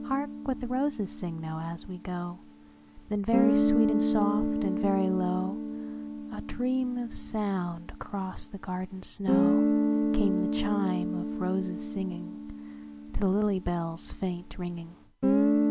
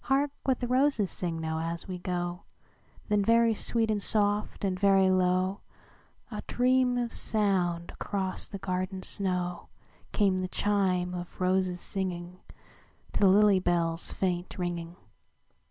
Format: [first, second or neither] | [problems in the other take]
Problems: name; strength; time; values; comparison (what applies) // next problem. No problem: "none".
second | background sound (Guitar); 1 dB above the speech